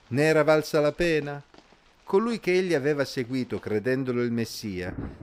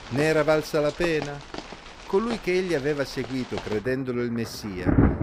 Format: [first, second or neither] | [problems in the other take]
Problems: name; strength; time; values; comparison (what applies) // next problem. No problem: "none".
first | rain or running water; loud; throughout; 6 dB below the speech; faint in the first